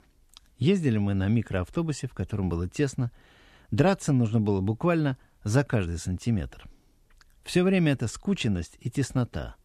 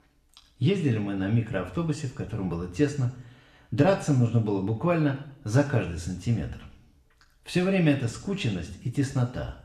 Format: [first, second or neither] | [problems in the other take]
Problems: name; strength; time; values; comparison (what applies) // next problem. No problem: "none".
first | room echo; slight; dies away in 0.6 s // off-mic speech; somewhat distant